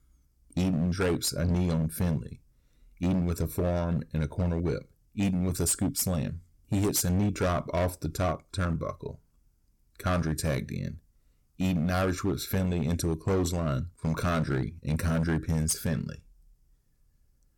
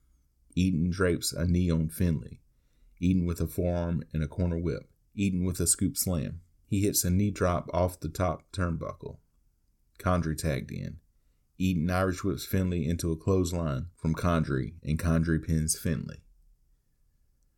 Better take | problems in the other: second | distortion; slight; 10% of the sound clipped

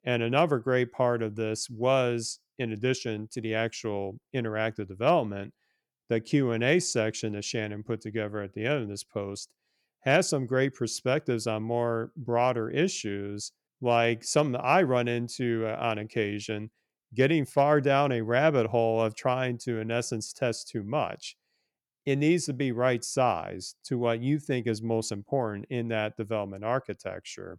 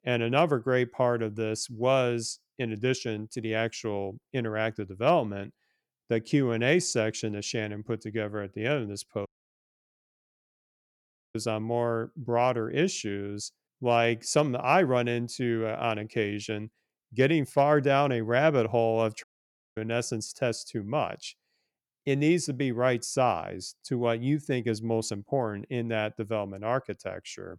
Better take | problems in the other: first | audio cutting out; at 9.5 s for 2 s and at 19 s for 0.5 s

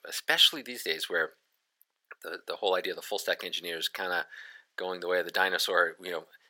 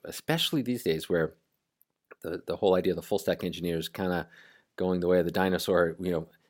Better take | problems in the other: second | thin; very; fading below 650 Hz

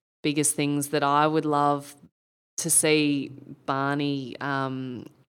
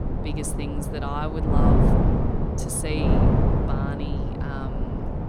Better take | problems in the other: first | wind noise on the microphone; heavy; 3 dB above the speech

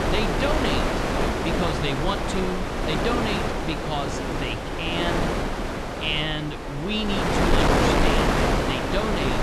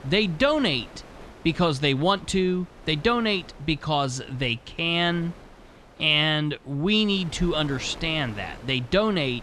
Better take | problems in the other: second | wind noise on the microphone; heavy; 4 dB above the speech; occasional gusts in the second

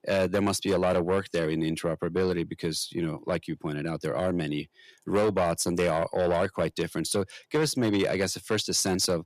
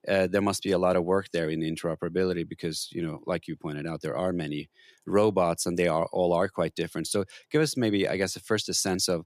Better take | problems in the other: second | distortion; slight; 10 dB below the speech

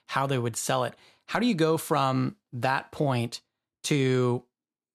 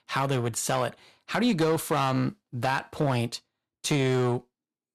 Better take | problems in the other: first | distortion; slight; 7% of the sound clipped

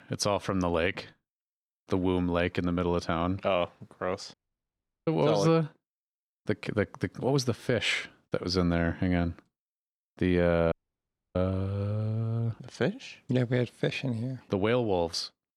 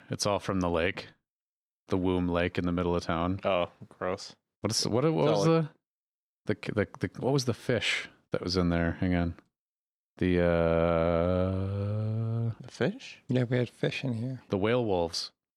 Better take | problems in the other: second | audio cutting out; at 4.5 s for 0.5 s and at 11 s for 0.5 s

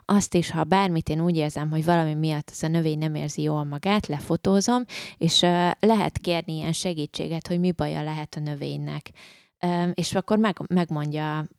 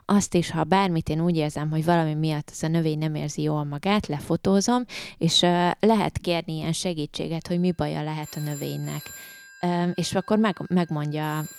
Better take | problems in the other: first | alarms or sirens; noticeable; throughout; 20 dB below the speech

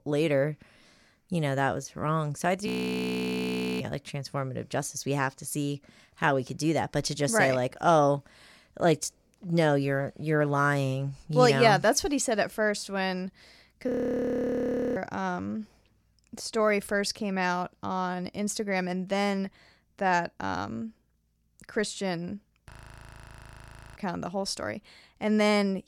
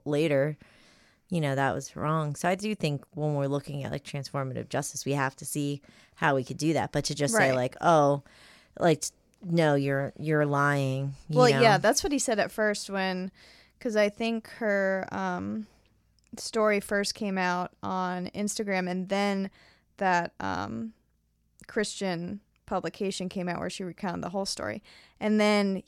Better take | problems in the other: second | audio freezing; at 2.5 s for 1 s, at 14 s for 1 s and at 23 s for 1.5 s

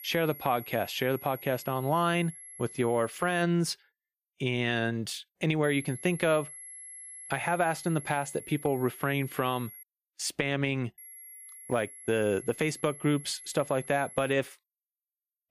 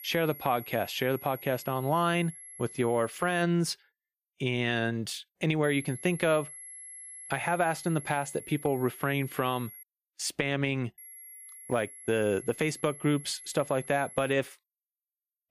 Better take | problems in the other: neither | high-pitched whine; noticeable; until 3.5 s, from 5.5 to 10 s and from 11 to 14 s; 11 kHz, 15 dB below the speech; the same in both

